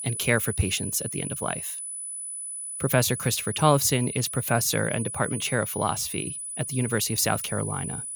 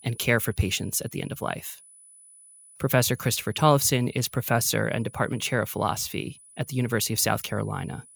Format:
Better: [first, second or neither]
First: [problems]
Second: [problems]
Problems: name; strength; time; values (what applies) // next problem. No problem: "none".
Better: second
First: high-pitched whine; loud; throughout; 10 kHz, 6 dB below the speech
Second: high-pitched whine; faint; throughout; 10 kHz, 25 dB below the speech